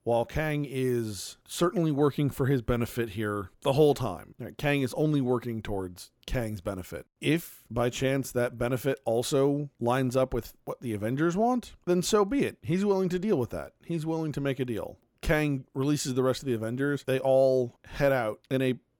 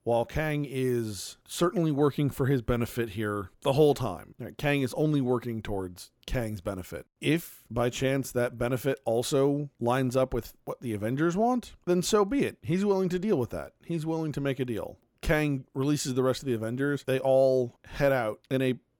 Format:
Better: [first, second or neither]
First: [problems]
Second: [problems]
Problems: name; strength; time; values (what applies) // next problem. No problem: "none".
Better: neither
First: none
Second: none